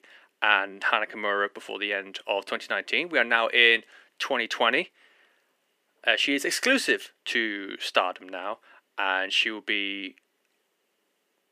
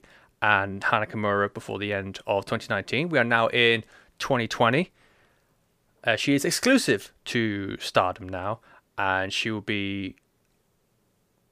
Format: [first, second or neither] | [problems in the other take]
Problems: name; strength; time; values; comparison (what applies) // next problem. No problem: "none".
second | thin; very slightly; fading below 250 Hz